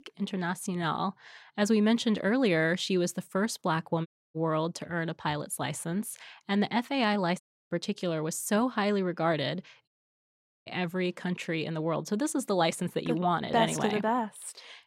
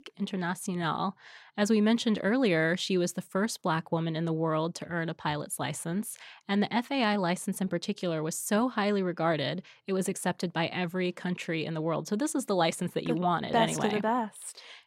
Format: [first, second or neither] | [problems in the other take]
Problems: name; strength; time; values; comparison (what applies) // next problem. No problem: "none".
second | audio cutting out; at 4 s, at 7.5 s and at 10 s for 1 s